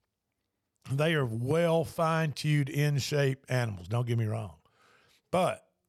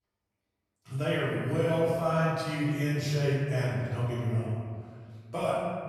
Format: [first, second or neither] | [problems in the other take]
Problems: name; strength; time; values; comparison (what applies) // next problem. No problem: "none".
first | off-mic speech; far // room echo; strong; dies away in 1.8 s